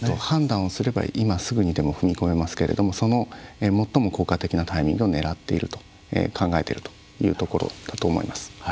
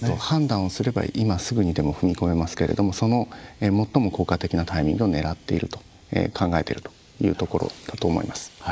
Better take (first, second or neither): first